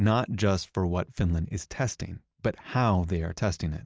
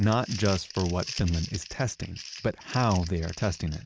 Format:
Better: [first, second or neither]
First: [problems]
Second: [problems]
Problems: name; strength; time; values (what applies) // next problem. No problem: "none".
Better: first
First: none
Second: background sound (Crumpling, crinkling); 14 dB below the speech